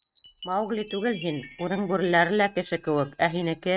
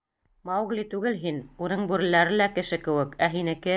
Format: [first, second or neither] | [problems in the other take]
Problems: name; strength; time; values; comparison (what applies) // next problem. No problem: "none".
second | noise reduction (neural mask model RNNoise)